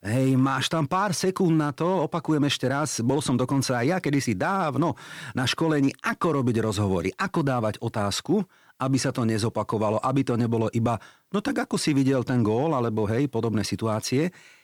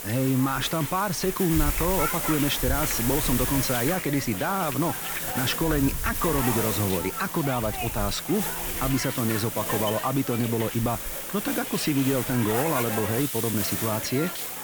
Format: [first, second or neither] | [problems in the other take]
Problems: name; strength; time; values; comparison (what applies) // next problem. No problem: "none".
first | hiss; loud; throughout; 1 dB below the speech